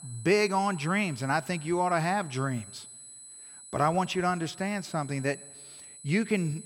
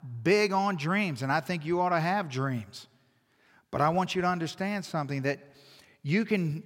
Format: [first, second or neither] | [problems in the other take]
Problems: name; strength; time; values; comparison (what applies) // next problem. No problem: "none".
second | high-pitched whine; noticeable; throughout; 8 kHz, 15 dB below the speech